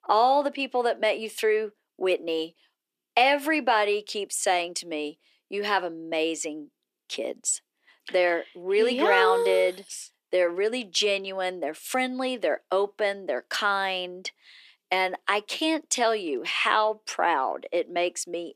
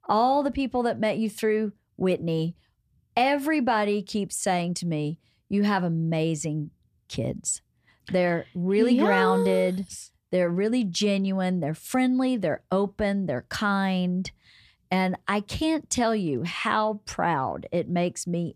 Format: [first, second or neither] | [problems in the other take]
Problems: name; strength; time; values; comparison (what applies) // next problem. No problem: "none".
second | thin; very; fading below 350 Hz